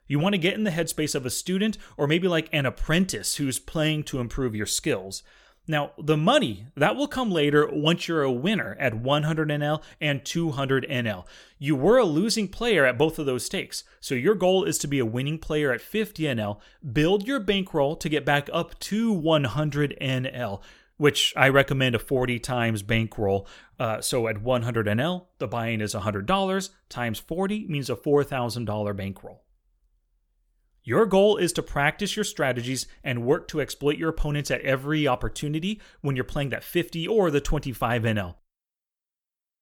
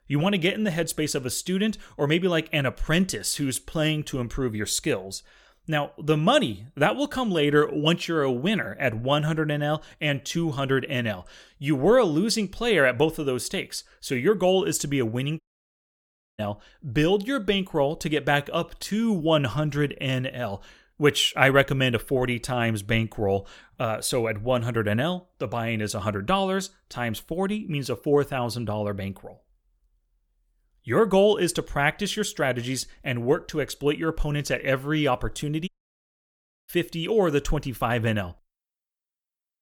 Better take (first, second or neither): first